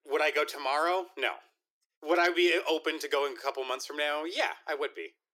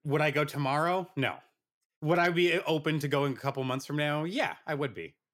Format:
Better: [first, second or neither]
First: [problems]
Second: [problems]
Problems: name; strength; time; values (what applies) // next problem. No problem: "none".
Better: second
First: thin; very; fading below 350 Hz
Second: none